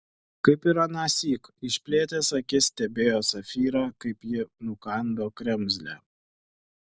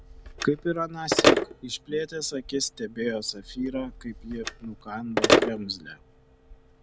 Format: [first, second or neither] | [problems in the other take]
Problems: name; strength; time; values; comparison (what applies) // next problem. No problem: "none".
first | background sound (Telephone); 4 dB above the speech